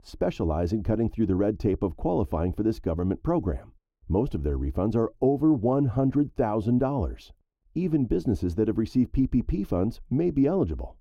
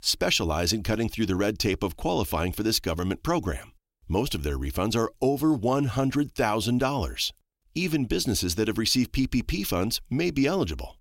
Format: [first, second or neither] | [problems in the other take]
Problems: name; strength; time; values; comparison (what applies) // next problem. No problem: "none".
second | muffled; very; fading above 1.5 kHz